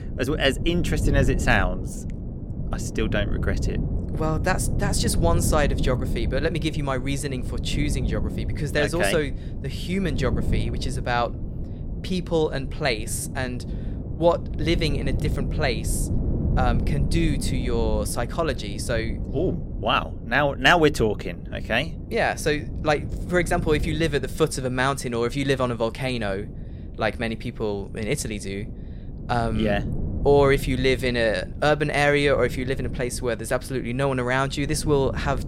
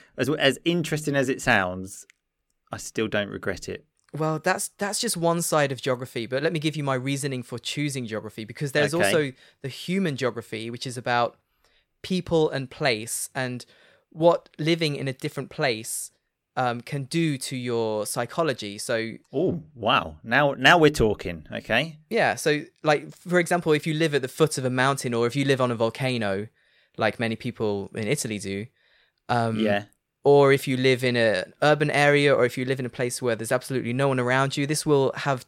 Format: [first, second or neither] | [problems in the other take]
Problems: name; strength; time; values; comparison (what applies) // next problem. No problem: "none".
second | wind noise on the microphone; occasional gusts; 15 dB below the speech